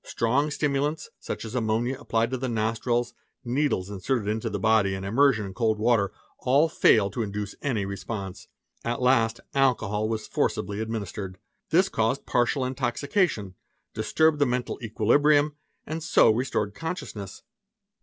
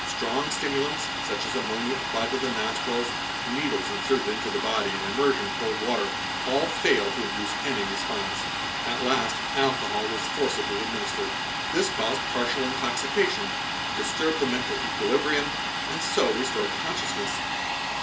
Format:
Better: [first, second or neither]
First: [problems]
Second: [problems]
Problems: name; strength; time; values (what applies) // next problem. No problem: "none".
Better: first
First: none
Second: background sound (Domestic sounds, home sounds); as loud as the speech // room echo; dies away in 0.3 s